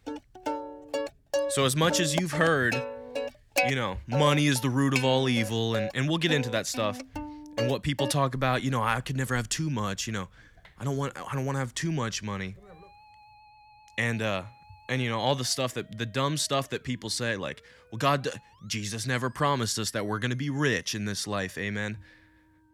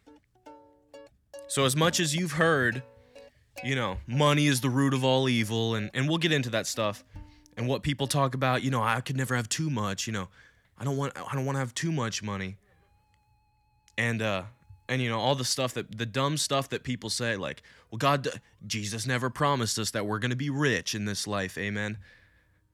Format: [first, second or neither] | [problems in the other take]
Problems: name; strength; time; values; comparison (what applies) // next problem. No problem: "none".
second | background music; loud; throughout; 6 dB below the speech; faint in the second